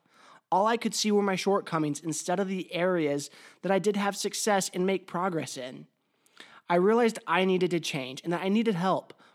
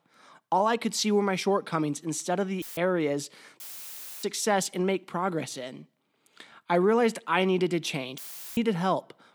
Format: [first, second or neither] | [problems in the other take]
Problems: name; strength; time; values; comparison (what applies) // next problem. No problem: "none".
first | audio cutting out; filled with static; at 2.5 s, at 3.5 s for 0.5 s and at 8 s